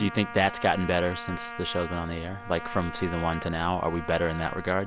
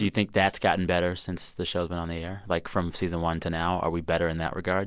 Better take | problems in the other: second | background sound (Trumpet); 11 dB below the speech

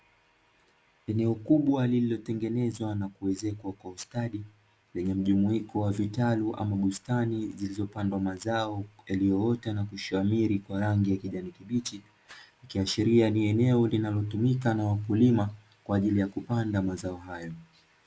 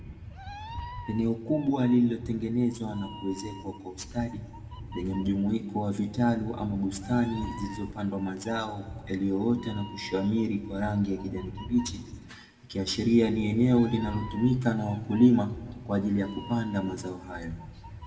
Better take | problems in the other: first | background sound (Meow); 14 dB below the speech // room echo; dies away in 1.3 s

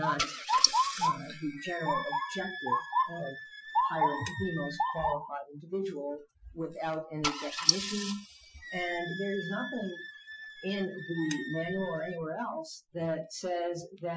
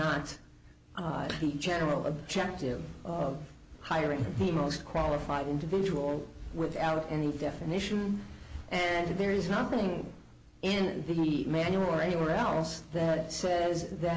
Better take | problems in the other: second | noise reduction (classical method Wiener filter)

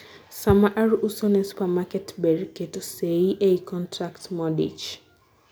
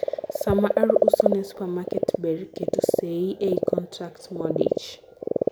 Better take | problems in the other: first | background sound (Frog); 3 dB above the speech

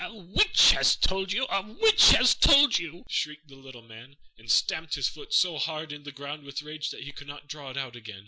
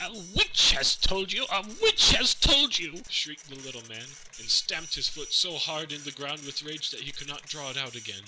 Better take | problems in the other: first | background sound (Printer); 19 dB below the speech

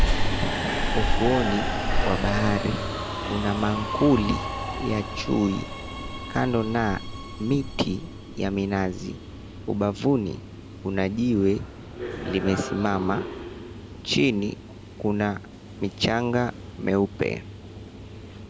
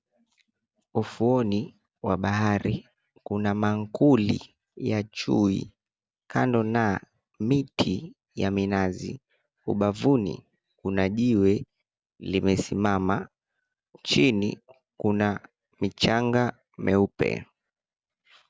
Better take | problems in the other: second | background sound (Subway, metro, underground); 3 dB below the speech

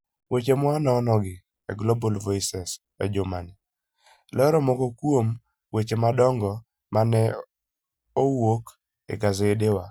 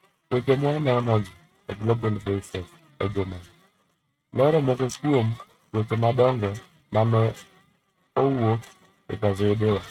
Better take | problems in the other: first | noise reduction (neural mask model RNNoise)

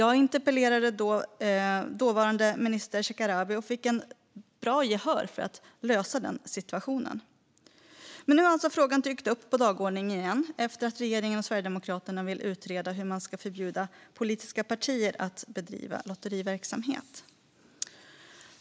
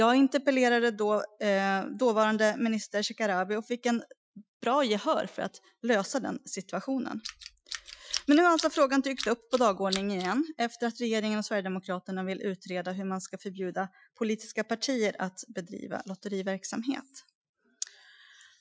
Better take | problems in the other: first | noise reduction (classical method Wiener filter)

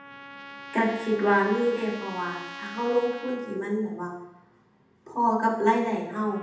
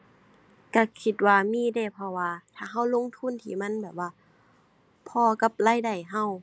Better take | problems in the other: second | background sound (Trumpet); 16 dB below the speech // room echo; dies away in 0.8 s

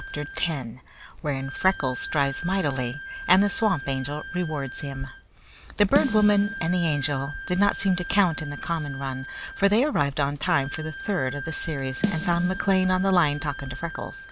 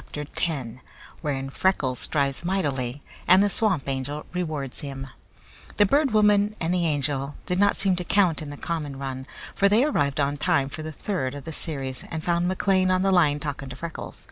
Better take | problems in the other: second | background sound (Snare drum + Bowed string instrument); 10 dB below the speech

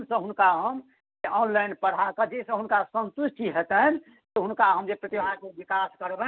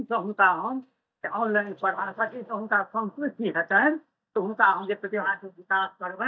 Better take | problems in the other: first | noise reduction (neural mask model DeepFilterNet 3)

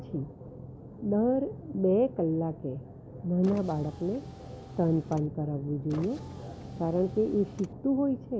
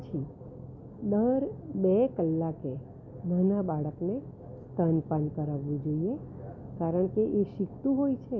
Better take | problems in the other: second | background sound (Car); 17 dB below the speech

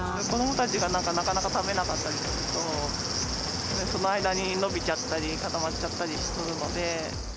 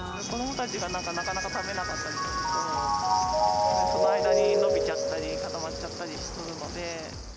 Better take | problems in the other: first | background sound (Mallet percussion); 4 dB above the speech

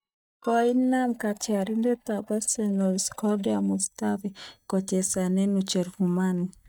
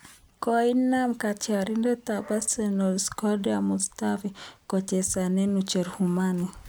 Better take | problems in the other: second | noise reduction (neural mask model DeepFilterNet 3)

